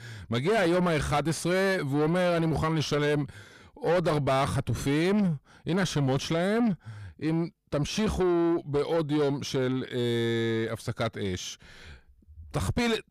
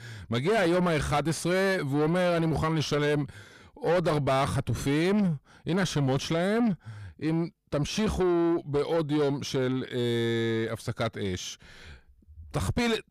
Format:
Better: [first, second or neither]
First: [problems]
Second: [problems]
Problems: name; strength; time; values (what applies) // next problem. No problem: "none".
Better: neither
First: distortion; heavy; 7 dB below the speech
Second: distortion; heavy; 7 dB below the speech